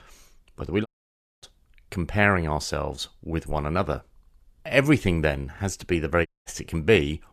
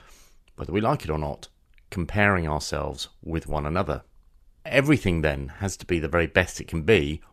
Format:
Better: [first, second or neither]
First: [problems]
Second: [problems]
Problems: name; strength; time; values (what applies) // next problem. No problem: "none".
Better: second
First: audio cutting out; at 1 s for 0.5 s and at 6.5 s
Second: none